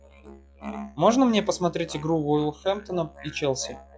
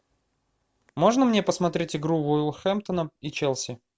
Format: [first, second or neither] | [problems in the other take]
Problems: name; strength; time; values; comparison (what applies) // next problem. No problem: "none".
second | noise reduction (classical method log-MMSE)